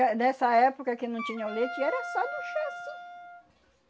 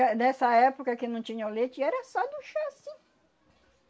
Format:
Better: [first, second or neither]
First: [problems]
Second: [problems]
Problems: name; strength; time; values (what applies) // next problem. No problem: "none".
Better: second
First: background sound (Wind instrument, woodwind instrument); 11 dB below the speech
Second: none